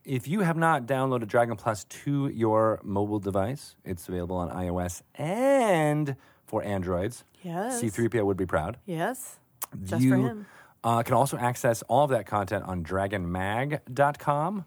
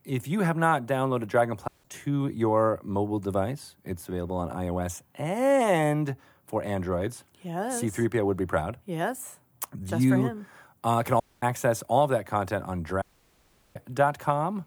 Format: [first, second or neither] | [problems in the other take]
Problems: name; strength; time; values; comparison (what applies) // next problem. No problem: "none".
first | audio cutting out; at 1.5 s, at 11 s and at 13 s for 0.5 s